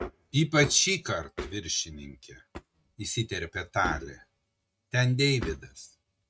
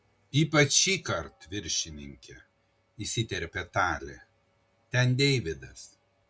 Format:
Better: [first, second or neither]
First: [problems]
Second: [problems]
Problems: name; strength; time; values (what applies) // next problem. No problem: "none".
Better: second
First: noise reduction (neural mask model RNNoise)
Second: none